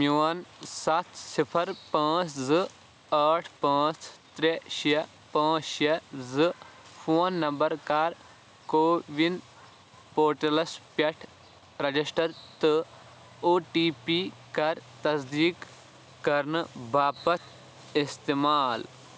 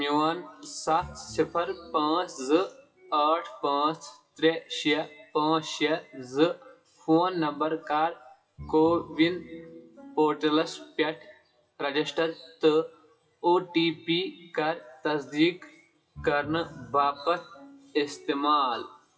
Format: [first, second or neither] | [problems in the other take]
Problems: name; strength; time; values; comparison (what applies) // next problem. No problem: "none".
first | noise reduction (classical method WPE with log-MMSE)